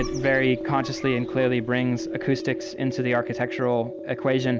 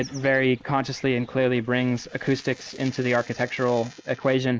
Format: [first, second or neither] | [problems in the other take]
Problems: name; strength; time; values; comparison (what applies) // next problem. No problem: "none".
first | noise reduction (neural mask model Resemble Enhance denoiser)